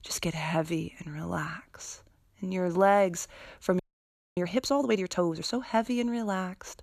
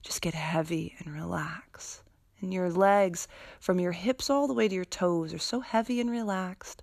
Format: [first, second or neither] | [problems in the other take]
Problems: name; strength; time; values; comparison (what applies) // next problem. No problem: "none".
second | audio freezing; at 4 s for 0.5 s